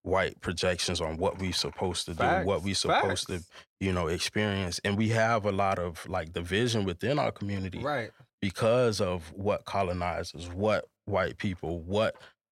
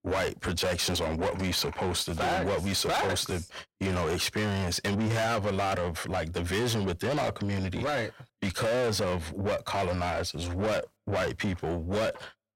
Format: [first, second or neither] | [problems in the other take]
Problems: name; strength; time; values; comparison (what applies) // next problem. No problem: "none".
first | distortion; heavy; 6 dB below the speech